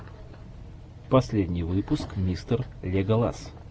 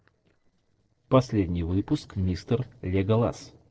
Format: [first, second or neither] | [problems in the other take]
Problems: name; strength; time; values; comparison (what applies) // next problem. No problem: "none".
first | noise reduction (neural separator model SepFormer DNS4)